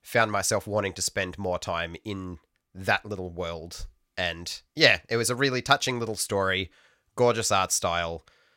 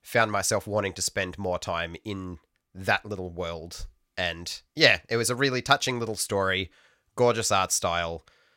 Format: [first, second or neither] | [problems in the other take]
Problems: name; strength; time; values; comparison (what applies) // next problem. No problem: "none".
neither | none